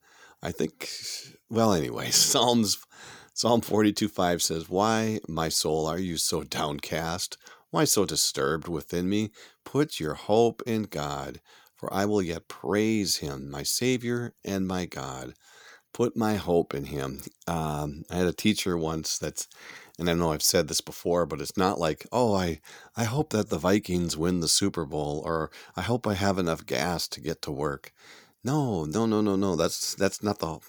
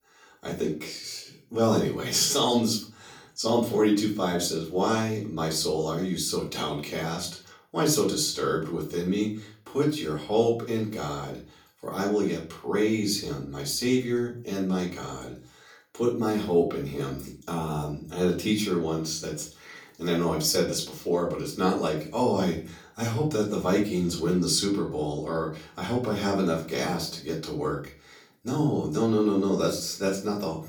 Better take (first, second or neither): first